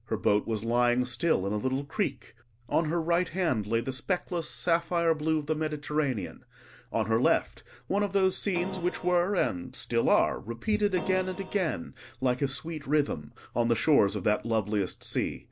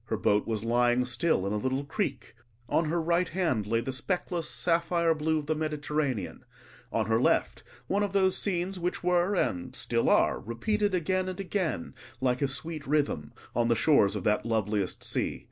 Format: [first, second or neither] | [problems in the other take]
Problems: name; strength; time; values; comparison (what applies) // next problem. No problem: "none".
second | background sound (Keyboard (musical)); 10 dB below the speech